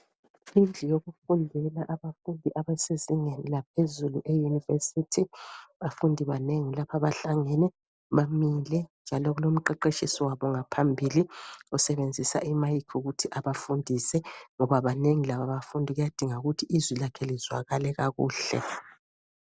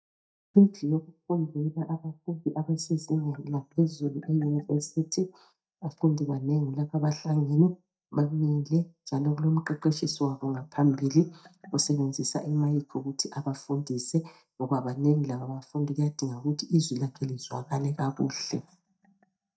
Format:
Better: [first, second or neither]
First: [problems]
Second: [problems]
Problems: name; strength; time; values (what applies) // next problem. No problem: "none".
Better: first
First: none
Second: noise reduction (neural mask model DeepFilterNet 3)